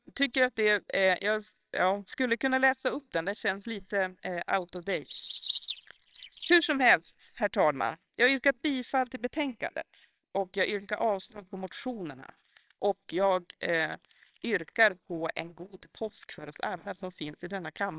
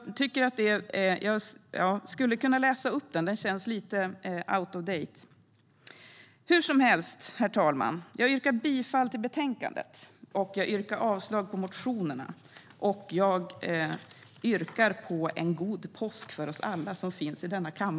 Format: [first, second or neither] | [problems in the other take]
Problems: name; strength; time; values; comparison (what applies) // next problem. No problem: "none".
second | noise reduction (neural separator model SepFormer WHAMR!)